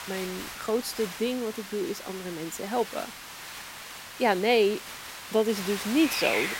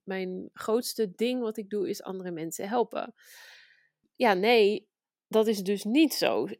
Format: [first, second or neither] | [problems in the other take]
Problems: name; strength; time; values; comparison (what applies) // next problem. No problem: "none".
second | hiss; loud; throughout; 8 dB below the speech